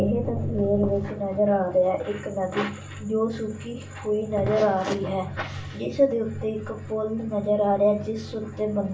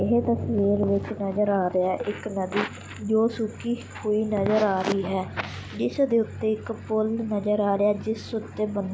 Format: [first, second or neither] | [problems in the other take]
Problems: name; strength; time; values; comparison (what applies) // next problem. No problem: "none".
second | room echo; dies away in 0.3 s